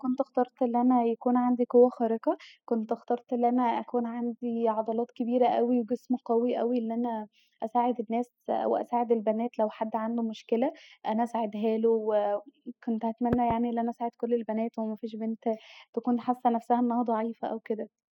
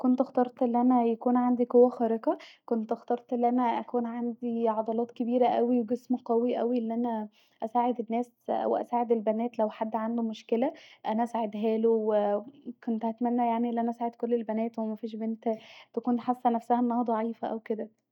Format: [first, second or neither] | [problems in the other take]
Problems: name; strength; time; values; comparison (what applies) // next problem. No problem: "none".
second | noise reduction (classical method spectral subtraction)